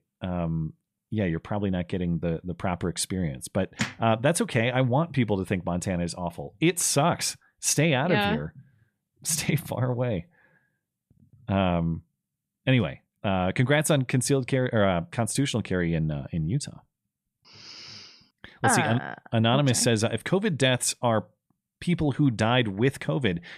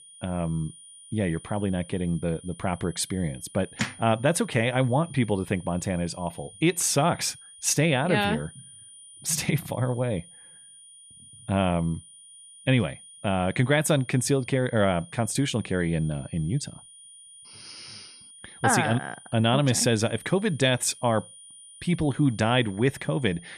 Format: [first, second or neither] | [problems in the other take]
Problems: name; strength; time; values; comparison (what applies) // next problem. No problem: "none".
first | high-pitched whine; faint; throughout; 9.5 kHz, 20 dB below the speech